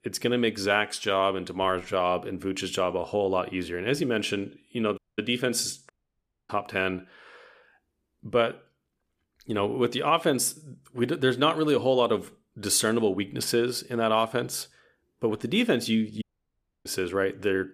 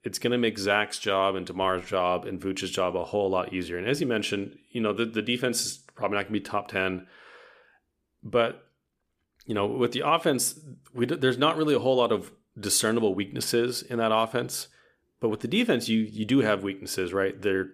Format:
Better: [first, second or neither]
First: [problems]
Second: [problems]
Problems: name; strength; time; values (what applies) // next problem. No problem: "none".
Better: second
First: audio cutting out; at 5 s, at 6 s for 0.5 s and at 16 s for 0.5 s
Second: none